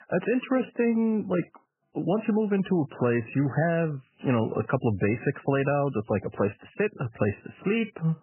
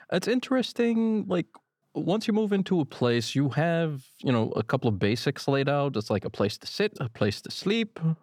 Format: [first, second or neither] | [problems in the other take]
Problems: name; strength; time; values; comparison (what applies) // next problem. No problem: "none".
second | garbled, watery; badly; nothing above 2.5 kHz